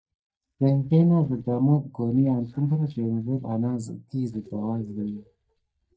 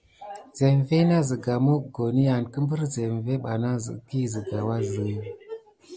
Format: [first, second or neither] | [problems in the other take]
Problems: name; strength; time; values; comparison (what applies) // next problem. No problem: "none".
second | noise reduction (neural mask model DeepFilterNet 3)